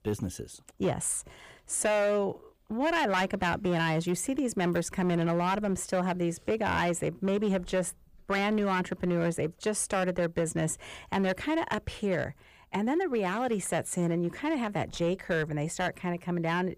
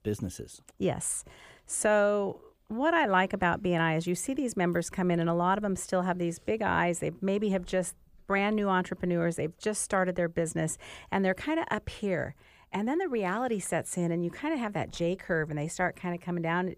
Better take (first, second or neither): second